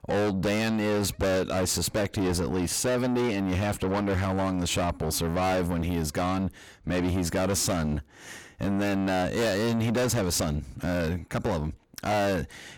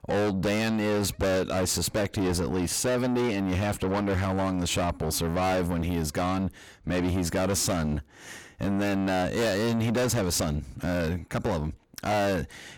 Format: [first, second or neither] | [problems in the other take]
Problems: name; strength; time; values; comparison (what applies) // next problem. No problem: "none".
neither | distortion; heavy; 6 dB below the speech; the same in both